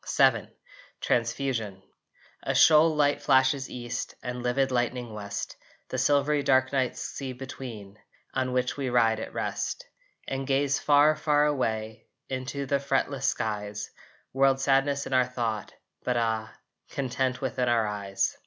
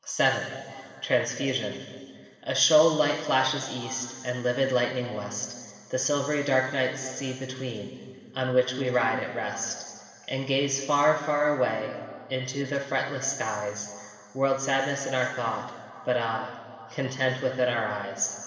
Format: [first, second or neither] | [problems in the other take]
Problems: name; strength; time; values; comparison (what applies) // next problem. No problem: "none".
first | room echo; dies away in 2.2 s